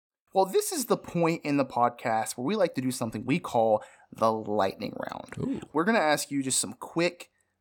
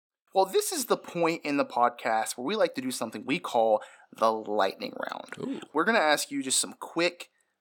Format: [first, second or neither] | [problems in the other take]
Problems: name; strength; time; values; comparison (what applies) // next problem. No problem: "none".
first | thin; very slightly; fading below 250 Hz